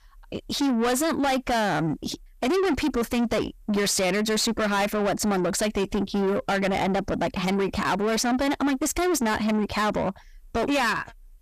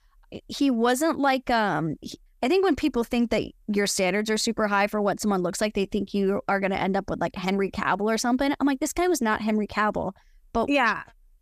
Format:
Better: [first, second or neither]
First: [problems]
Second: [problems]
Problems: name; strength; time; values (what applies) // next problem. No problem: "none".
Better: second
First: distortion; heavy; 7 dB below the speech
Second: none